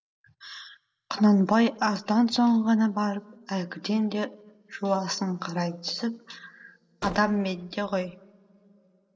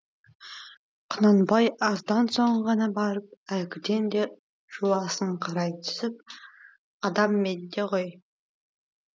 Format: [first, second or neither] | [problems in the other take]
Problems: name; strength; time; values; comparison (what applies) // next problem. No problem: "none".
second | noise reduction (neural separator model SepFormer DNS4)